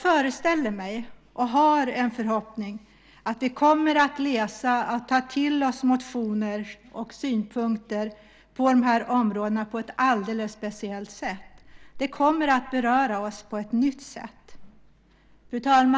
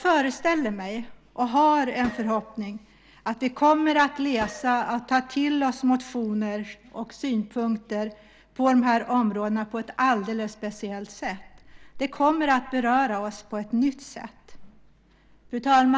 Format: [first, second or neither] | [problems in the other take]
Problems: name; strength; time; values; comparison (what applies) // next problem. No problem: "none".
first | background sound (Gunshot, gunfire); 19 dB below the speech